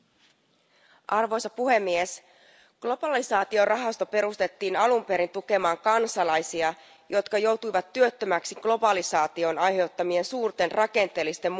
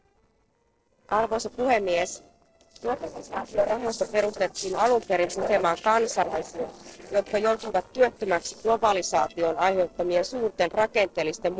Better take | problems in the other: first | noise reduction (neural separator model SepFormer DNS4)

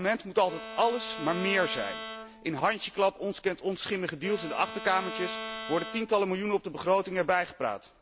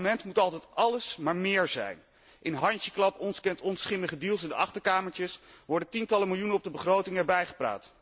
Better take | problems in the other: second | background sound (Bowed string instrument); 11 dB below the speech

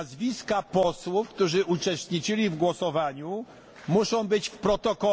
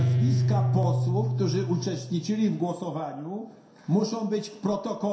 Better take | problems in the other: first | background sound (Guitar); as loud as the speech // room echo; dies away in 0.7 s

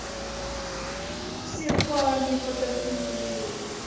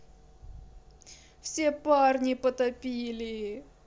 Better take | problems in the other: second | background sound (Car); as loud as the speech // room echo; dies away in 1.2 s

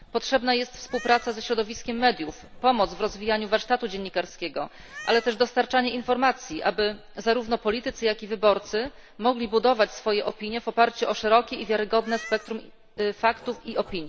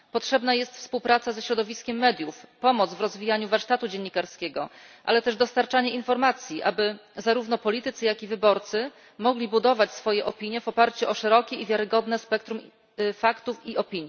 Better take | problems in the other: second | background sound (Meow + Writing); 19 dB below the speech

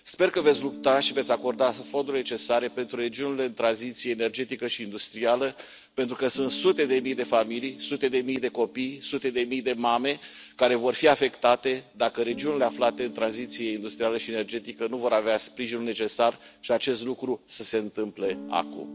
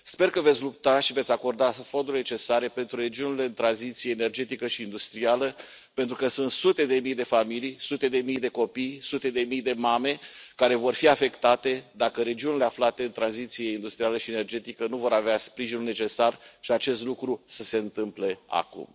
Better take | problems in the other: second | background sound (Guitar); 18 dB below the speech

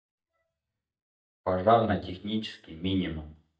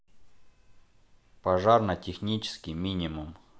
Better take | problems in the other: second | noise reduction (neural mask model DeepFilterNet 3)

